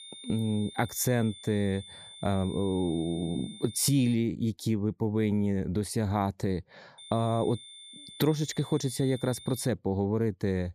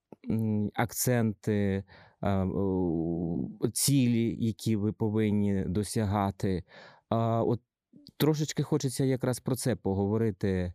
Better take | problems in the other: second | high-pitched whine; noticeable; until 4 s and from 7 to 9.5 s; 3.5 kHz, 15 dB below the speech

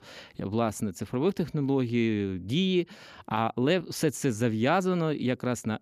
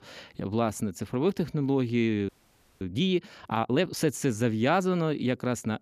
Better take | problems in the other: first | audio freezing; at 2.5 s for 0.5 s

